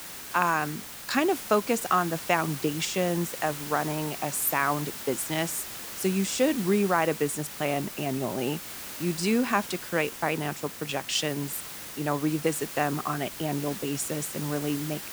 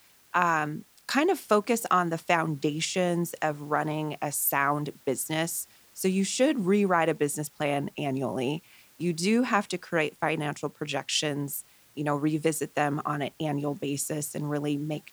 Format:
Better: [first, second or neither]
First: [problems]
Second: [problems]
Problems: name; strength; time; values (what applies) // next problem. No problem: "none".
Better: second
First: hiss; loud; throughout; 9 dB below the speech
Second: hiss; faint; throughout; 30 dB below the speech